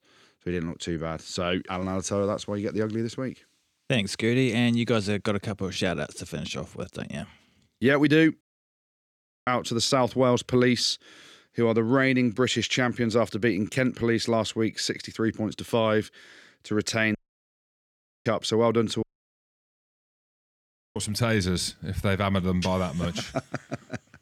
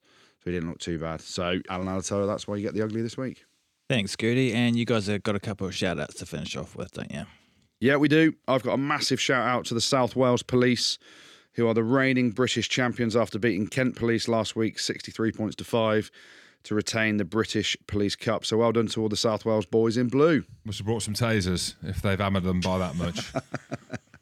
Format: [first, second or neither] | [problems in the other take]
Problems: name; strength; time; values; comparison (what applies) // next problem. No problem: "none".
second | audio cutting out; at 8.5 s for 1 s, at 17 s for 1 s and at 19 s for 2 s